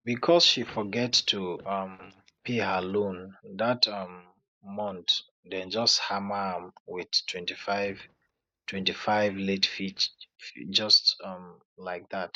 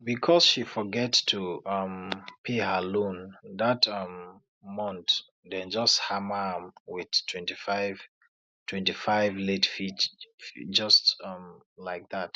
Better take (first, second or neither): second